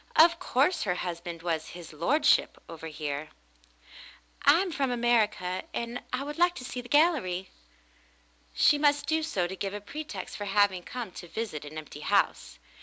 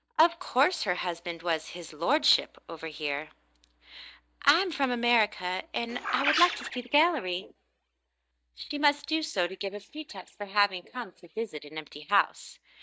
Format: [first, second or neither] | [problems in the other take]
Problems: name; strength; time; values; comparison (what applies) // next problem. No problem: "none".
first | noise reduction (neural mask model DeepFilterNet 3)